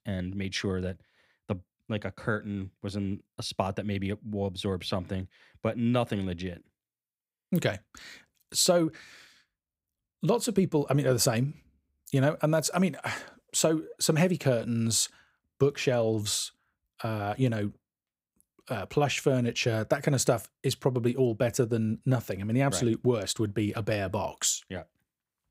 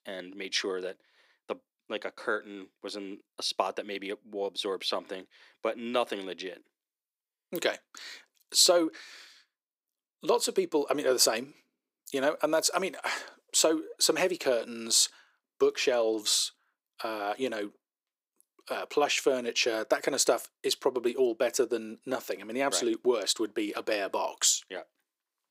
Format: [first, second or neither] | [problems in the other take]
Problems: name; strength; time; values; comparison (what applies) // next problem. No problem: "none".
first | thin; somewhat; fading below 350 Hz